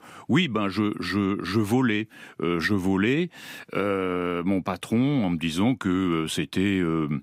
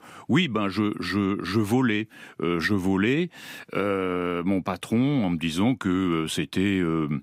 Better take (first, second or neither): neither